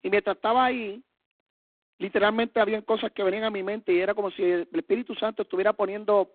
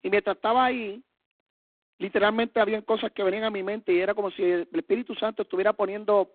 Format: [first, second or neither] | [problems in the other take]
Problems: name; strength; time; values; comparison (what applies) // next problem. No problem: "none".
neither | phone-call audio; poor line; the same in both